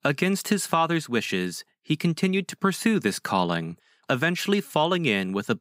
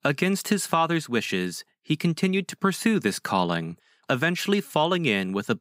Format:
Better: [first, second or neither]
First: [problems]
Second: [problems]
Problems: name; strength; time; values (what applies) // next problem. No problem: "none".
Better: neither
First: none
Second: none